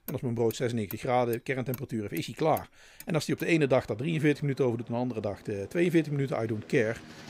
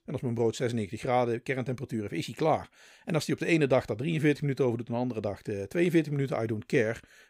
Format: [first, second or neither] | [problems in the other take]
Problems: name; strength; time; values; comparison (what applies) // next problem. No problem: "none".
second | traffic noise; faint; throughout; 20 dB below the speech